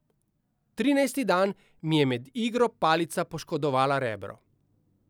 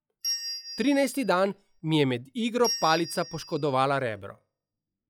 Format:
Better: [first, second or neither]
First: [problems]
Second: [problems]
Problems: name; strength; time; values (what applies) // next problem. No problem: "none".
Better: first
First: none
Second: noise reduction (classical method log-MMSE)